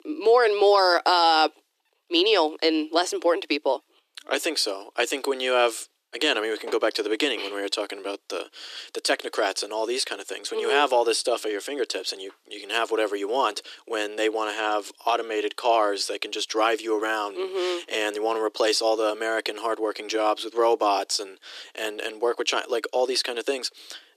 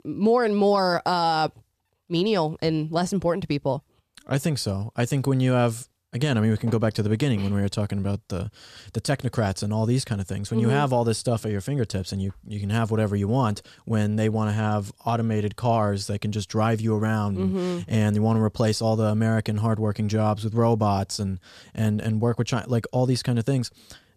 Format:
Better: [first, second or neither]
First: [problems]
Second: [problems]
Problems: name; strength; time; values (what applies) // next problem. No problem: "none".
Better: second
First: thin; very; fading below 300 Hz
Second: none